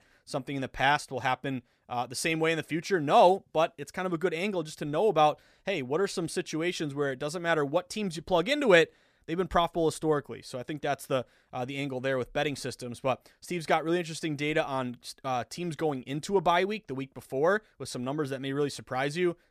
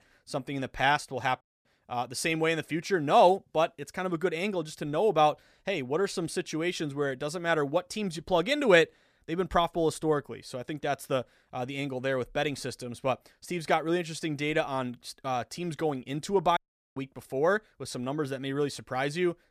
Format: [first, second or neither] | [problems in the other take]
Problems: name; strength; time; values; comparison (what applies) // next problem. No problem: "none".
first | audio cutting out; at 1.5 s and at 17 s